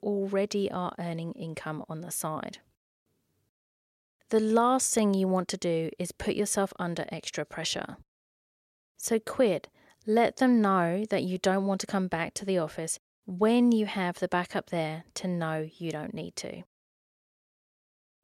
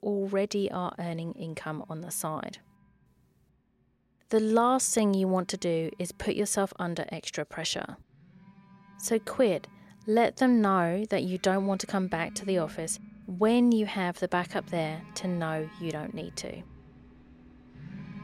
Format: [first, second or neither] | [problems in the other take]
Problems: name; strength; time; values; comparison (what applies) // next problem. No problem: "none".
first | alarms or sirens; faint; throughout; 20 dB below the speech